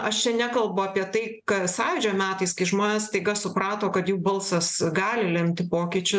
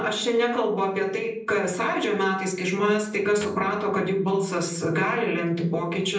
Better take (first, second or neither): first